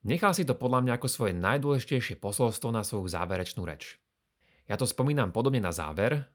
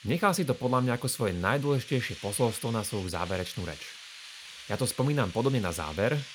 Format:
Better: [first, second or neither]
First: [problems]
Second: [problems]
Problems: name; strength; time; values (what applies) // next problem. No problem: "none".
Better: first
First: none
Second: hiss; noticeable; throughout; 15 dB below the speech